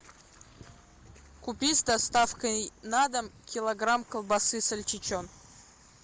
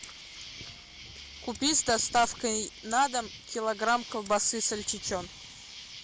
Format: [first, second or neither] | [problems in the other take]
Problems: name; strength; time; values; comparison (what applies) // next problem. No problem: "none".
first | background sound (Scissors + Insect); 15 dB below the speech